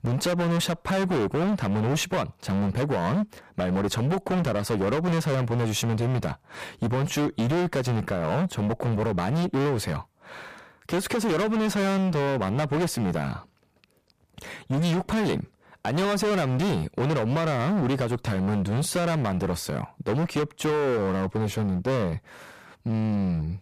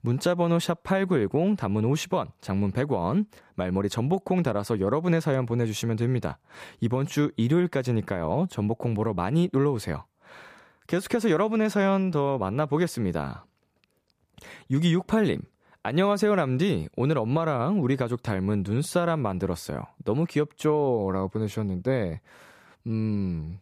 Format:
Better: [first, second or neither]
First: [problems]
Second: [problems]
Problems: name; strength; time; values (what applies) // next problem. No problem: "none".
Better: second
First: distortion; heavy; 28% of the sound clipped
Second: none